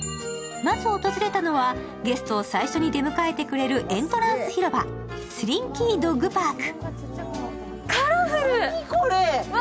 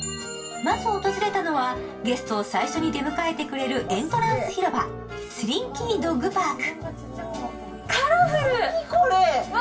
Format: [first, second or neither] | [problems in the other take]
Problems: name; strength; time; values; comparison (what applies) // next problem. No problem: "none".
first | background sound (Telephone); 13 dB below the speech // room echo; dies away in 0.2 s